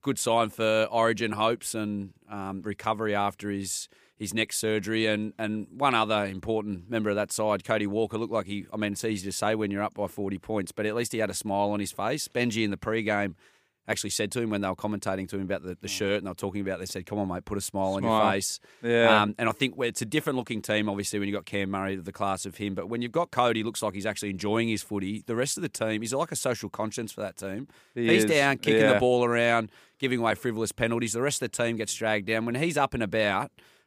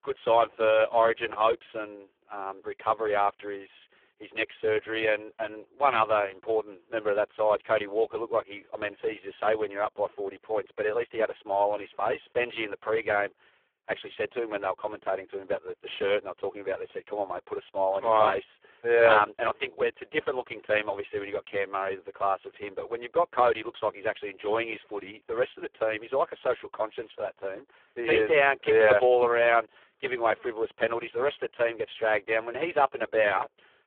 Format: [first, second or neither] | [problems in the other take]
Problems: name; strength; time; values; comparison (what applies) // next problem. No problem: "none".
first | phone-call audio; poor line